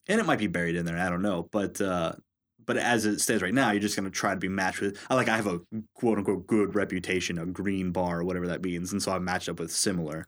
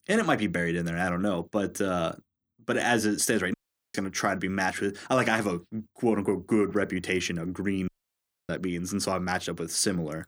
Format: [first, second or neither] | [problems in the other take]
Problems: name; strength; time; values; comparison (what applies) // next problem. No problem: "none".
first | audio cutting out; at 3.5 s and at 8 s for 0.5 s